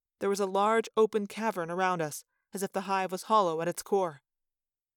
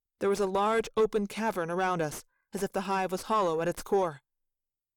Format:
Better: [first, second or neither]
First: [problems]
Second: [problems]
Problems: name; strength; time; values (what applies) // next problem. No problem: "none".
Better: first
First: none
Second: distortion; slight; 9 dB below the speech